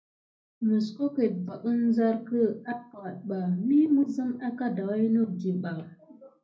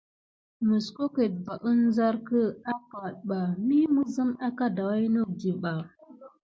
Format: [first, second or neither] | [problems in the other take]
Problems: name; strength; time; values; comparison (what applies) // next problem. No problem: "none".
second | room echo; dies away in 0.3 s